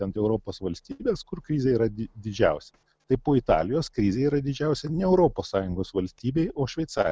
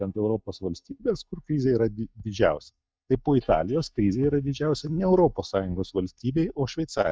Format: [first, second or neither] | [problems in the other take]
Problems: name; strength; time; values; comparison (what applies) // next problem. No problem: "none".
first | noise reduction (neural mask model DeepFilterNet 3)